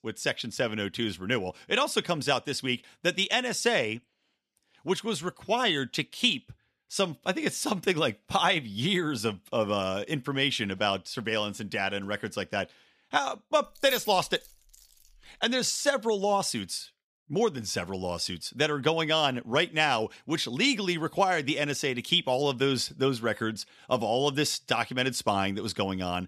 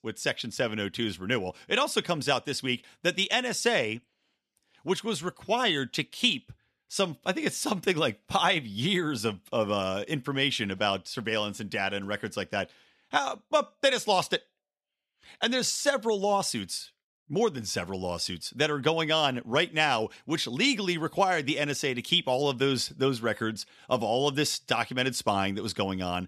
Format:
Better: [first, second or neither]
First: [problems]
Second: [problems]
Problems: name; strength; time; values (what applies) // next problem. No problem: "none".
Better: second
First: jangling keys; faint; from 14 to 15 s; peak 10 dB below the speech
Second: none